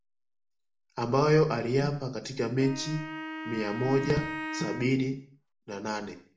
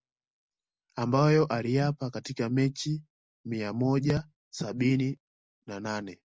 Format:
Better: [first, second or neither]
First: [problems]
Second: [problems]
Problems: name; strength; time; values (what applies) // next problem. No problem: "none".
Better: second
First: background sound (Wind instrument, woodwind instrument); 9 dB below the speech // room echo; dies away in 0.5 s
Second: none